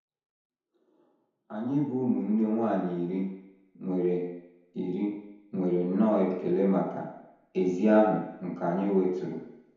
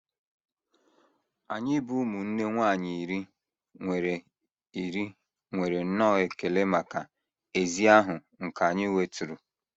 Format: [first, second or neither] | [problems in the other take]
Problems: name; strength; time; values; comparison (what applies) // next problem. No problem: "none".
second | room echo; dies away in 0.9 s